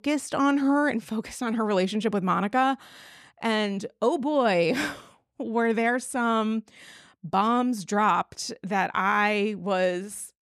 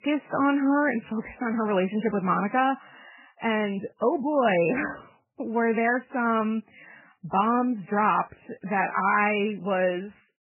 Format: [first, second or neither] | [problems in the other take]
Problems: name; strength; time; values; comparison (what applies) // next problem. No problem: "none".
first | garbled, watery; badly; nothing above 3 kHz